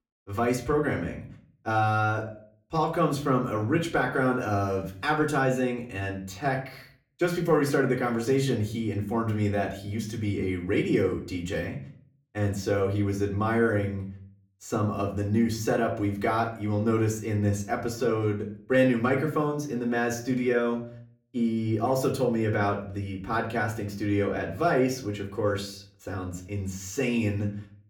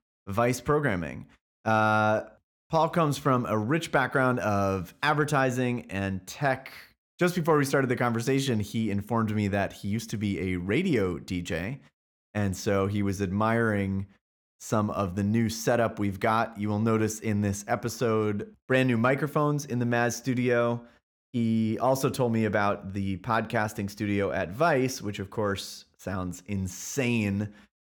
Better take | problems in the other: second | off-mic speech; far // room echo; very slight; dies away in 0.4 s

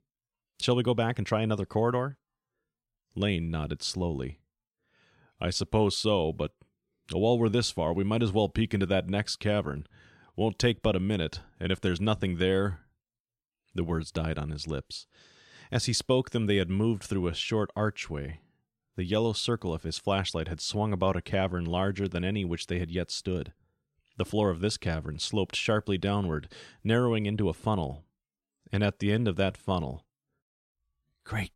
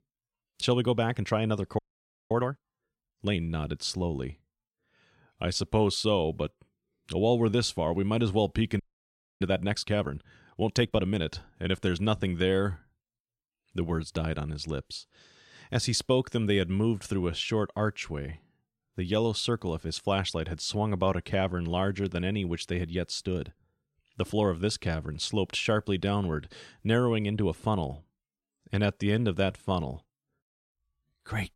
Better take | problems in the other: first | audio freezing; at 2 s for 0.5 s and at 9 s for 0.5 s

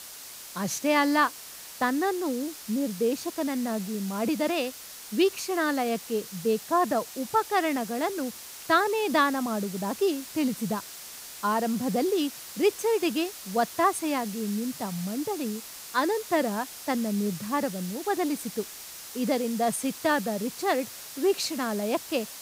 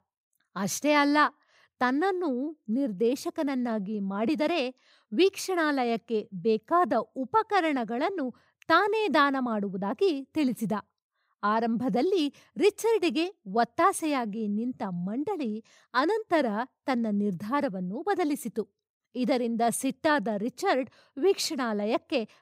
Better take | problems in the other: second | hiss; noticeable; throughout; 10 dB below the speech

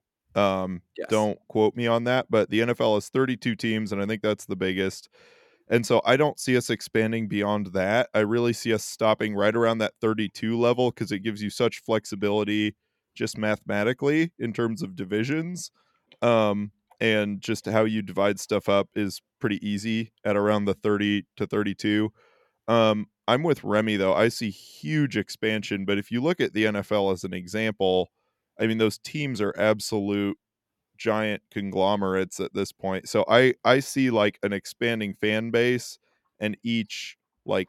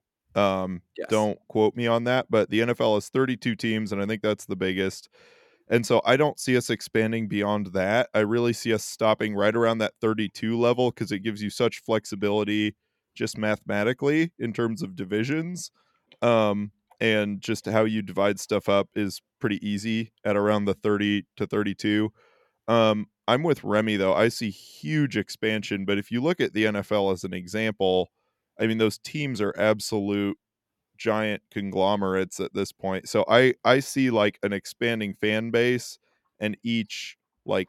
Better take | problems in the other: neither | none

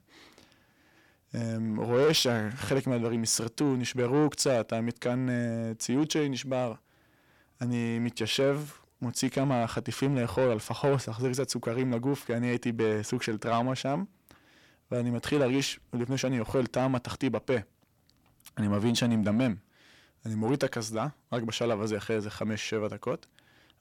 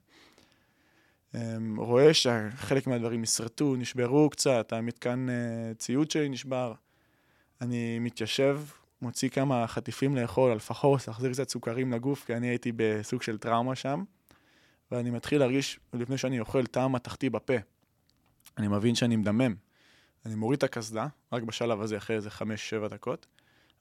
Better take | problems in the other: second | distortion; slight; 10 dB below the speech

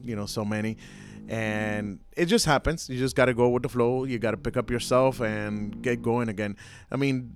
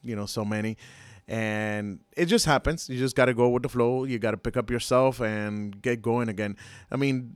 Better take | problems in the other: second | low rumble; faint; throughout; 25 dB below the speech

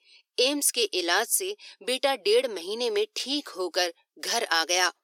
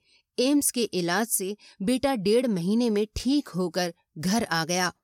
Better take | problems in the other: second | thin; somewhat; fading below 350 Hz

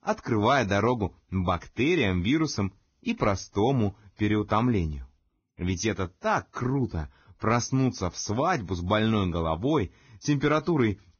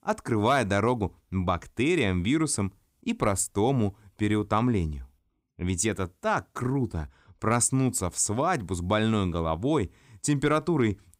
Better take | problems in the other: second | garbled, watery; badly; nothing above 6.5 kHz

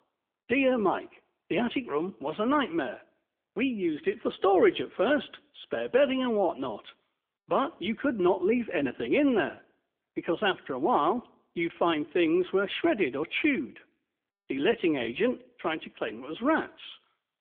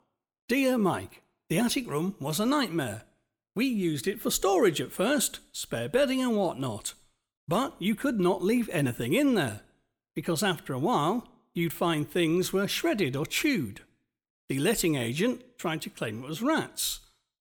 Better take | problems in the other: second | phone-call audio; nothing above 3.5 kHz

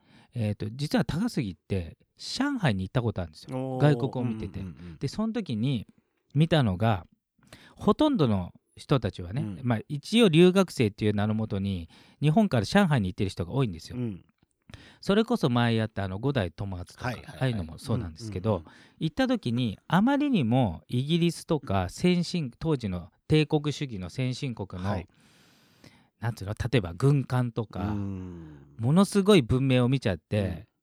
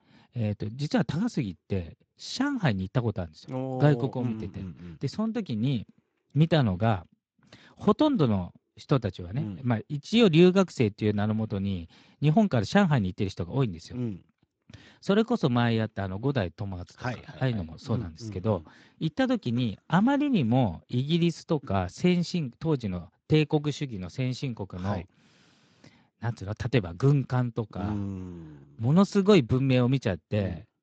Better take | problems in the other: first | garbled, watery; slightly; nothing above 7.5 kHz

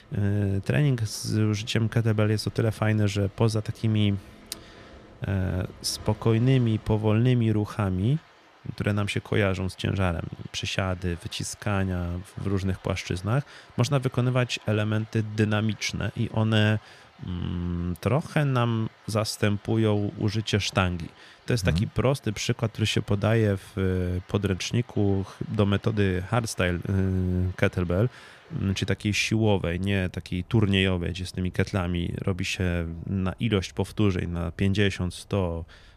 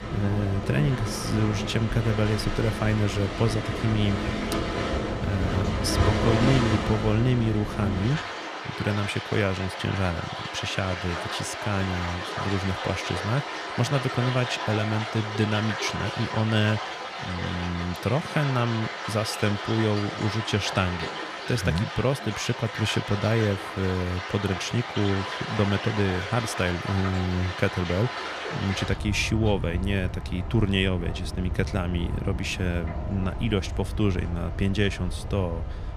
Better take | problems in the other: first | rain or running water; loud; throughout; 4 dB below the speech; faint in the first

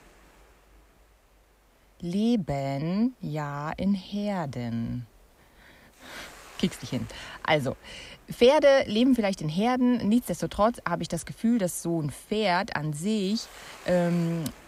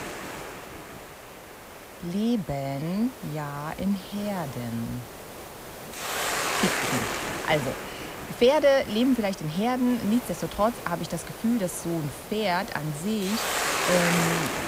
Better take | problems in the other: first | hiss; loud; throughout; 4 dB below the speech; faint in the first

